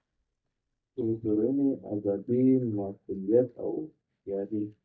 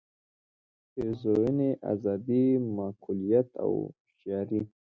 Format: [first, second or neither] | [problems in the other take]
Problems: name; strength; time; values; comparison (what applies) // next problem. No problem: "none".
second | noise reduction (neural mask model DeepFilterNet 3)